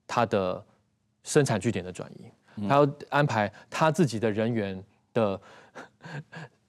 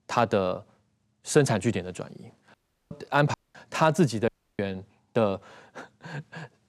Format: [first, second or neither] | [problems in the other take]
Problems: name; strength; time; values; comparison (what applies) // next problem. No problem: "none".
first | audio cutting out; at 2.5 s, at 3.5 s and at 4.5 s